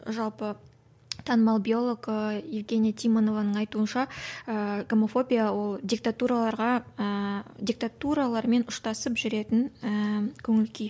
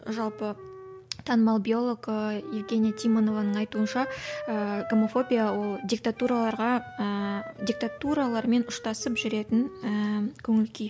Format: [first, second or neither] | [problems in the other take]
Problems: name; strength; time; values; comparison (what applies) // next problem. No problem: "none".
first | background sound (Wind instrument, woodwind instrument); 15 dB below the speech